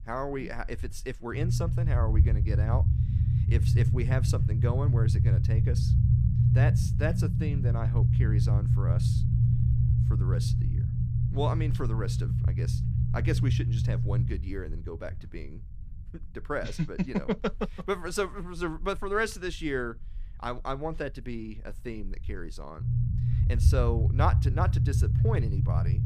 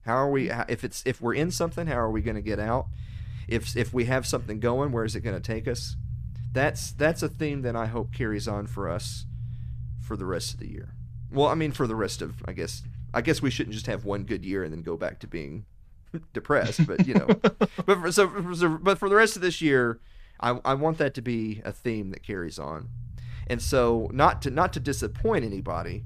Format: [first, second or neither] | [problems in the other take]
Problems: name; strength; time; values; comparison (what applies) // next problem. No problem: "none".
second | low rumble; loud; throughout; 4 dB below the speech; faint in the second